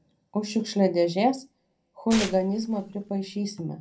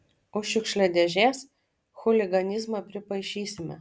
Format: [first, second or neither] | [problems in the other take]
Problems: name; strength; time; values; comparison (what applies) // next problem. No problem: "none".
second | background sound (Tearing); 11 dB below the speech // room echo; dies away in 0.2 s